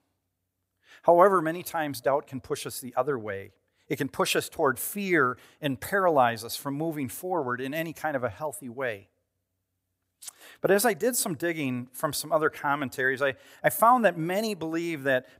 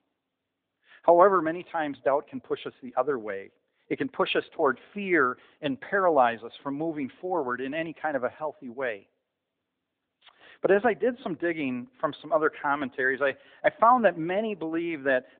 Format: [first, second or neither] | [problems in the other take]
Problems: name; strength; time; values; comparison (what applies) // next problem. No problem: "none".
first | phone-call audio; nothing above 3.5 kHz